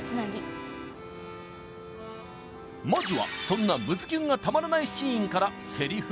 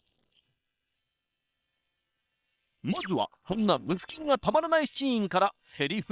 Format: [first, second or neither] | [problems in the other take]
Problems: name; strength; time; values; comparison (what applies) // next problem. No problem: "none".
first | noise reduction (neural separator model SepFormer WHAM!)